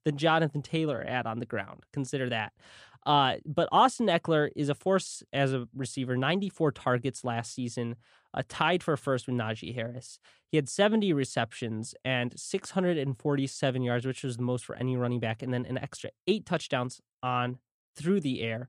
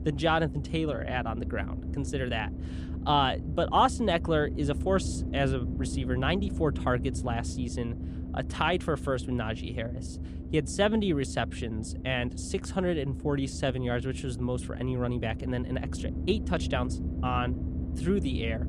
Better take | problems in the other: first | low rumble; noticeable; throughout; 15 dB below the speech

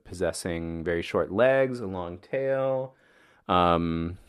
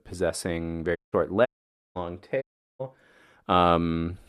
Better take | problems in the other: first | audio cutting out; at 1 s, at 1.5 s and at 2.5 s

